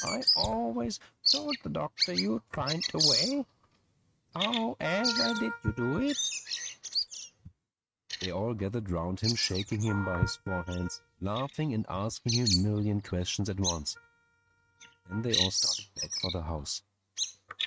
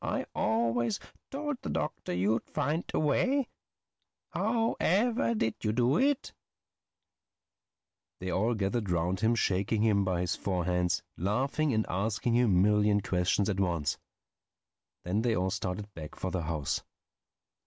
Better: second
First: noise reduction (neural mask model RNNoise)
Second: none

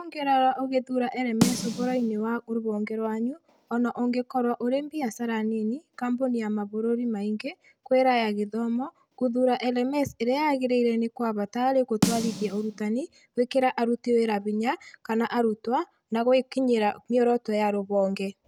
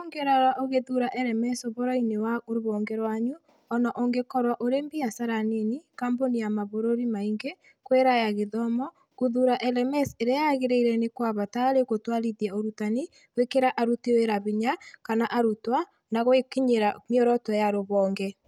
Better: second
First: background sound (Snare drum); 6 dB below the speech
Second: none

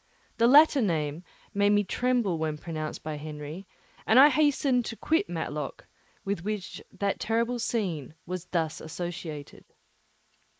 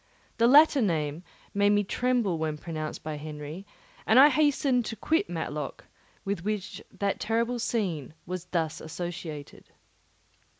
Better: second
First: noise reduction (neural mask model Resemble Enhance denoiser)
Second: none

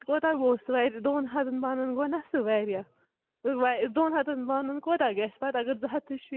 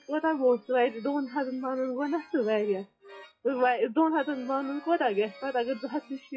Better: first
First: none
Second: noise reduction (classical method WPE with log-MMSE)

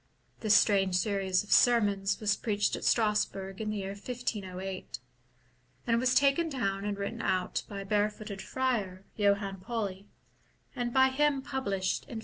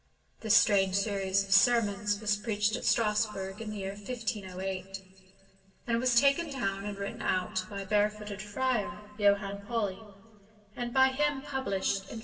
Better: first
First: none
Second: room echo; dies away in 2.6 s

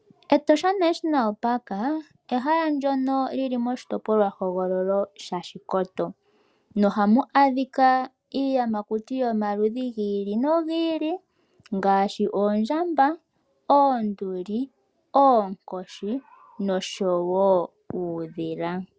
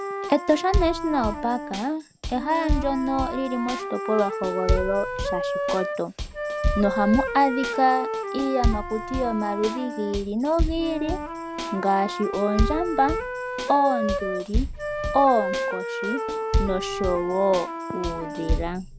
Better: first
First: none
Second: background sound (Wind instrument, woodwind instrument + Bass drum / Snare drum / Drum kit); 2 dB below the speech

